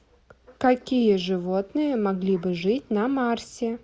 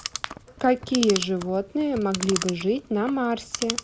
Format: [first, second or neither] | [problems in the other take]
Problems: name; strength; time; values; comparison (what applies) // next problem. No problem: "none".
first | background sound (Clock); 9 dB below the speech